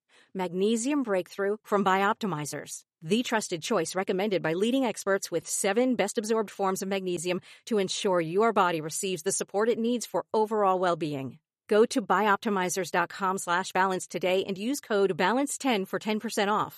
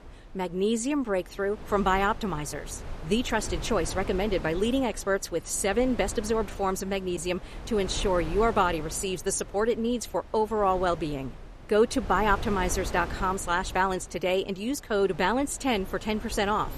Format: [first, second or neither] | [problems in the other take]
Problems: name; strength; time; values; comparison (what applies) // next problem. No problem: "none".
first | wind noise on the microphone; occasional gusts; 15 dB below the speech